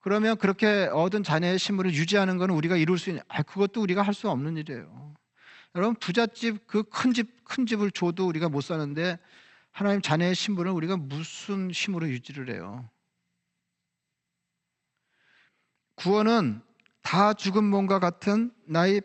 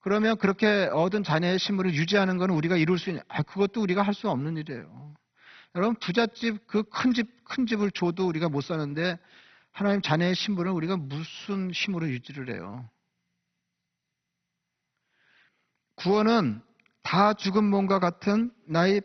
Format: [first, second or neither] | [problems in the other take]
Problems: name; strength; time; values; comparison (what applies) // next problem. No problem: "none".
first | garbled, watery; badly; nothing above 6 kHz; slightly in the first